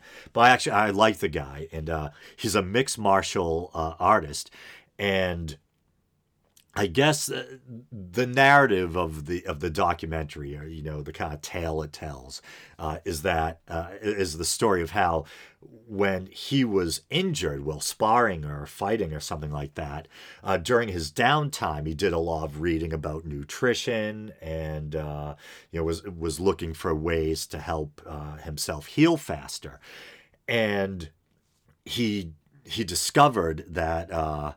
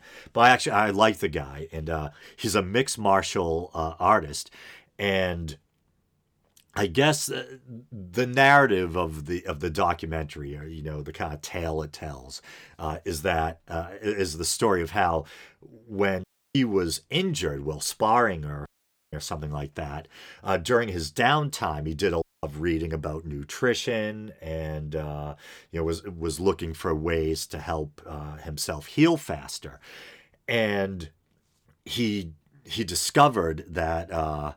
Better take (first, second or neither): first